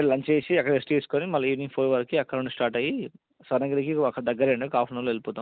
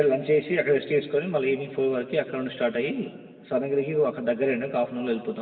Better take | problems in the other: first | room echo; dies away in 2 s

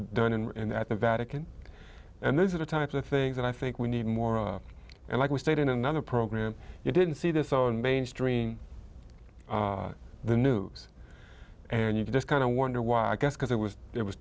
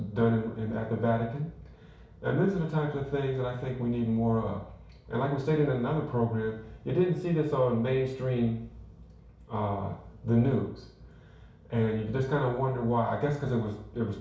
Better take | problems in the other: first | room echo; dies away in 0.6 s

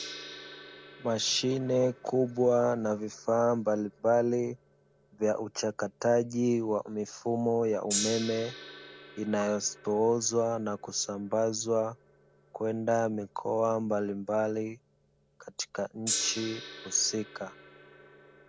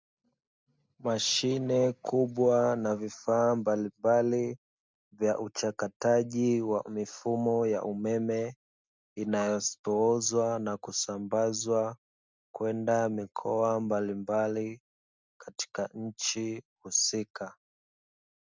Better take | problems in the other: second | background sound (Gong); 14 dB below the speech

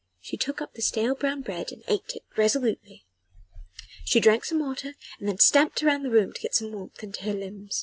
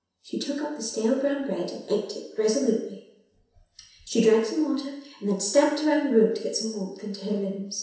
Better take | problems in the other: first | room echo; dies away in 0.7 s

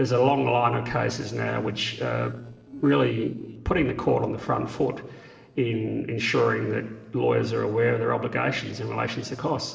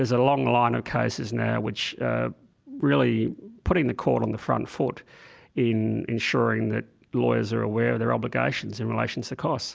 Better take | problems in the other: second | noise reduction (neural separator model SepFormer DNS4)

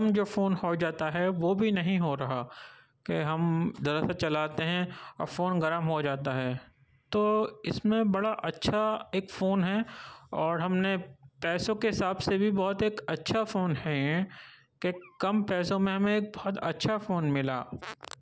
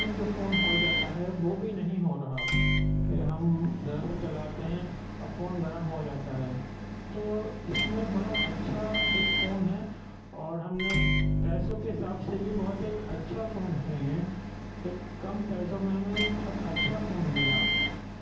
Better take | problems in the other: first | background sound (Microwave oven); 2 dB above the speech // room echo; dies away in 0.7 s

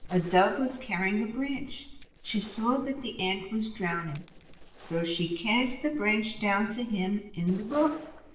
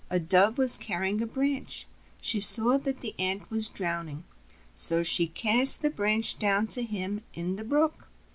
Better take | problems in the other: second | noise reduction (neural separator model SepFormer DNS4)

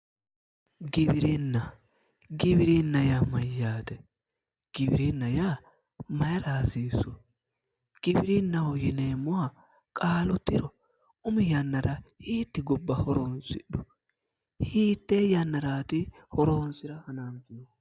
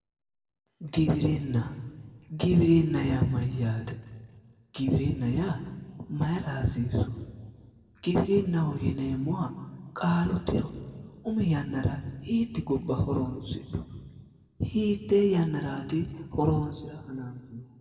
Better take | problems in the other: first | room echo; dies away in 1.4 s

